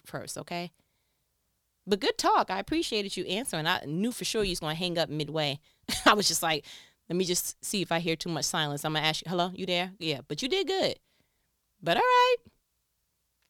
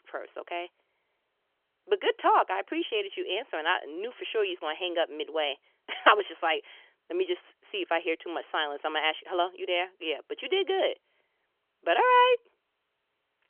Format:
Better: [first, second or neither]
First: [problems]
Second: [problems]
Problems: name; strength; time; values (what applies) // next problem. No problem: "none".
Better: first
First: none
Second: phone-call audio; nothing above 3.5 kHz